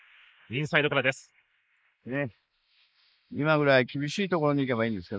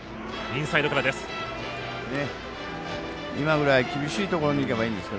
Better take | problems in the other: second | noise reduction (neural mask model Resemble Enhance denoiser)

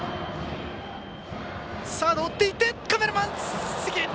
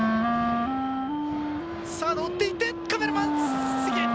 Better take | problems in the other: first | background sound (Wind instrument, woodwind instrument); 4 dB above the speech

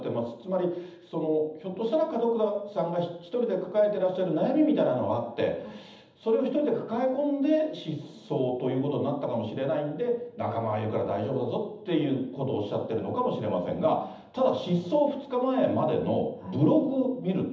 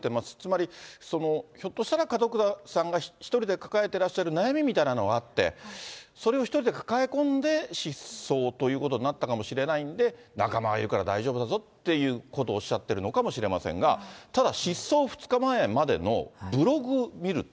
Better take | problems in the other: second | room echo; dies away in 0.8 s

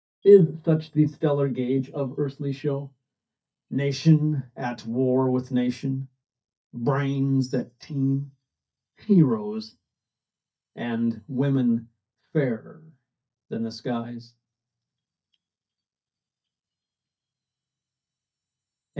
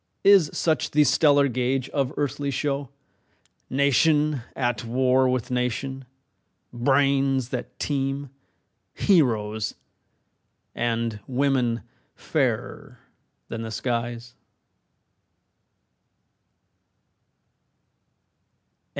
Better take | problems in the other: second | noise reduction (neural mask model DeepFilterNet 3)

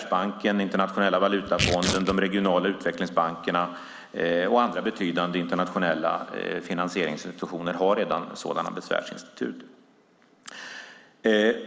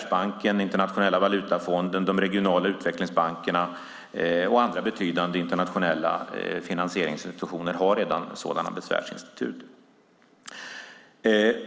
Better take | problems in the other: second | background sound (Tearing); 6 dB below the speech

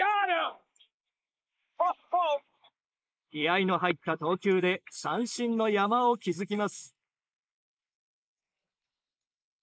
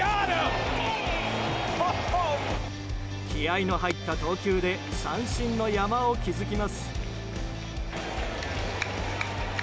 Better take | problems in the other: second | noise reduction (neural mask model Resemble Enhance denoiser)

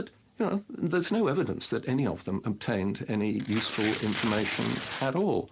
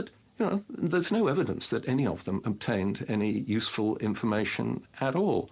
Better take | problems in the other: second | background sound (Tearing); 8 dB below the speech

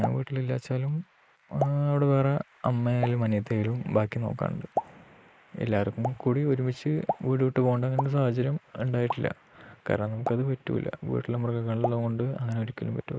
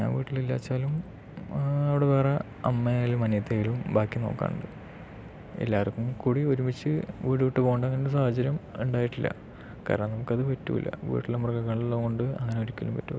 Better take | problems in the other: second | noise reduction (neural mask model Resemble Enhance denoiser)

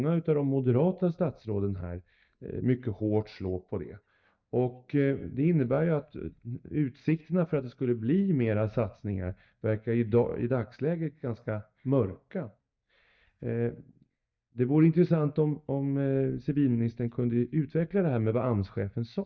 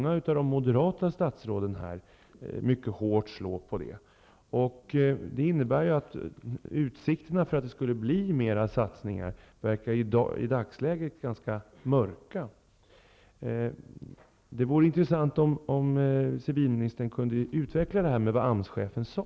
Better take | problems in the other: second | noise reduction (neural mask model DeepFilterNet 3)

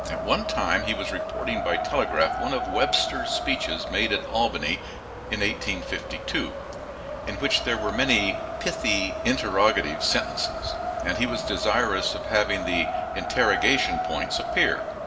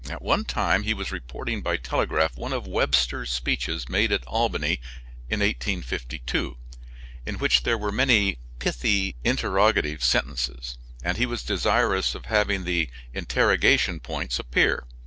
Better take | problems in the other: second | background sound (Wind); 5 dB below the speech // room echo; dies away in 2.8 s

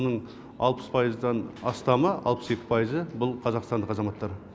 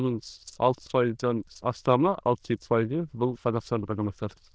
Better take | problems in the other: first | noise reduction (neural diffusion model UNIVERSE++)

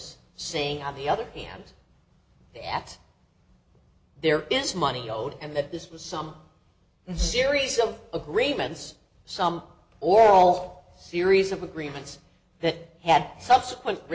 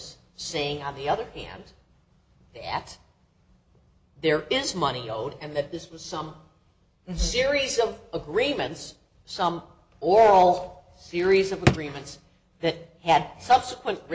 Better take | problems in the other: first | background sound (Drawer open or close); 1 dB below the speech

